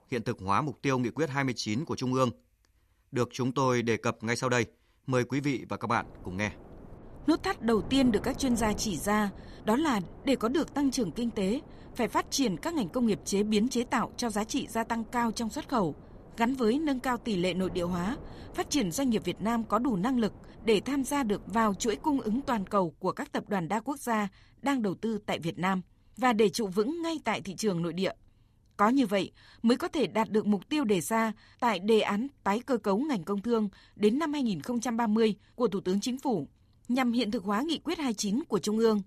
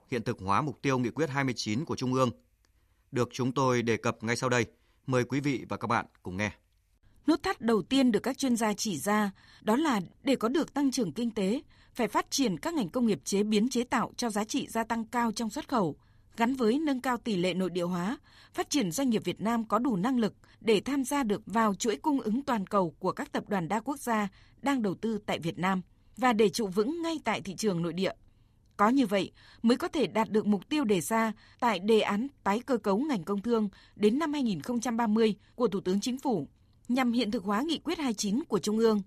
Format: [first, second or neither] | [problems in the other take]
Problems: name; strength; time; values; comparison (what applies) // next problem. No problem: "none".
second | wind noise on the microphone; occasional gusts; from 6 to 23 s; 20 dB below the speech